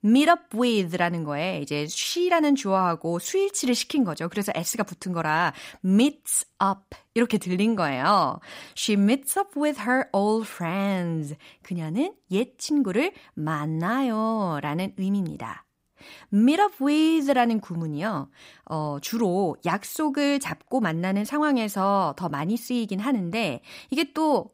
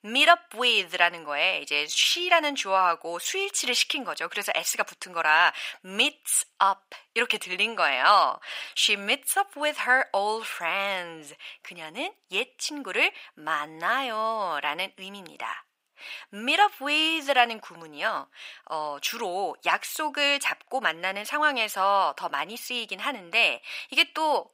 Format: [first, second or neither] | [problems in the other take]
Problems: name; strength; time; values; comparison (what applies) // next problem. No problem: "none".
first | thin; very; fading below 750 Hz